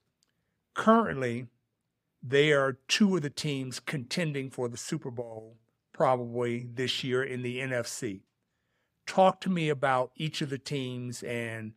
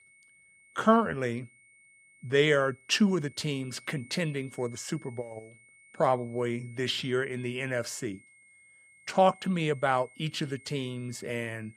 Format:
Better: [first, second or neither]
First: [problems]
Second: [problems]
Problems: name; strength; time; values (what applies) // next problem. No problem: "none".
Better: first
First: none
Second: high-pitched whine; faint; throughout; 2 kHz, 25 dB below the speech